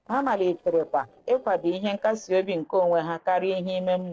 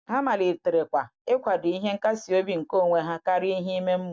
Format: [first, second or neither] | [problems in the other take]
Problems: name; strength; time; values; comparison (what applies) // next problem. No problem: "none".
second | noise reduction (neural separator model SepFormer DNS4)